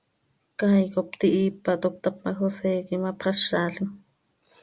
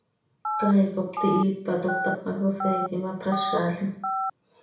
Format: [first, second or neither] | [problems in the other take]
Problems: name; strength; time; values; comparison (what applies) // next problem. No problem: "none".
first | background sound (Telephone); 5 dB below the speech // room echo; dies away in 0.6 s